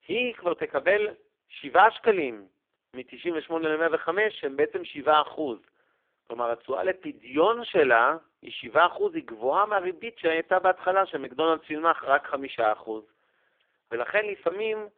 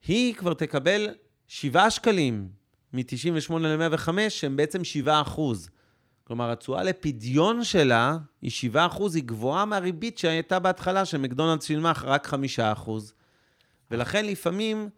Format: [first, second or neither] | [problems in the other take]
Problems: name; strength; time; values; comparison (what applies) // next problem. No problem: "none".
second | phone-call audio; poor line; nothing above 3.5 kHz